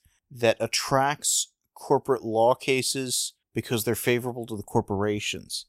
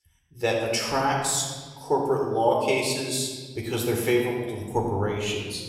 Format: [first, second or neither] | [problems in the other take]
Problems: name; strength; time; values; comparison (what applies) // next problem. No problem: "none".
first | off-mic speech; somewhat distant // room echo; noticeable; dies away in 1.4 s